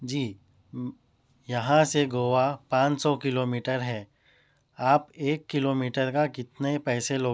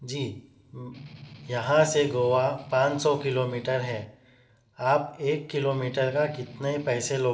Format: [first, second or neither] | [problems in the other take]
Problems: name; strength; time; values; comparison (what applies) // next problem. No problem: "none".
first | background sound (Strum); 18 dB below the speech // room echo; dies away in 0.6 s